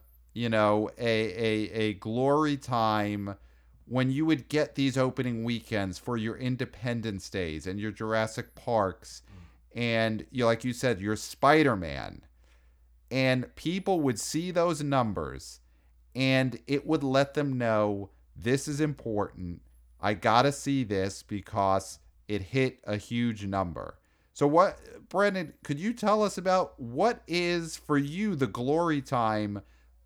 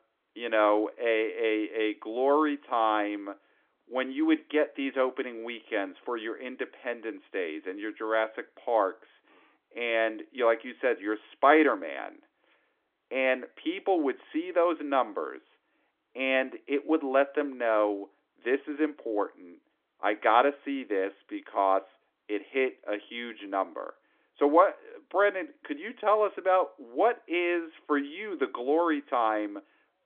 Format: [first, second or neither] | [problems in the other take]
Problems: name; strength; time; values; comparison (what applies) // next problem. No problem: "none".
first | phone-call audio; nothing above 3.5 kHz